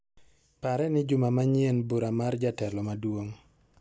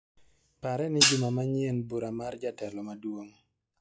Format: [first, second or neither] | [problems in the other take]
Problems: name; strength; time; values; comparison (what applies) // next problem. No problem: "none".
first | noise reduction (classical method log-MMSE)